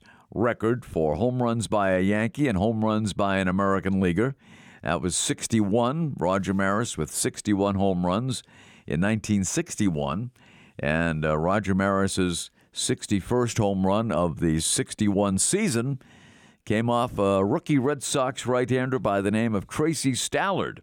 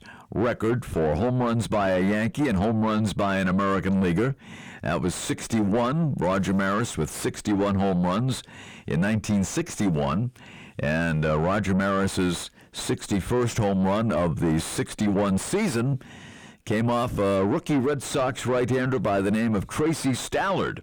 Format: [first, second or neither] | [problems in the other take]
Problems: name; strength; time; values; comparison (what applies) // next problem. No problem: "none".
first | distortion; heavy; 7 dB below the speech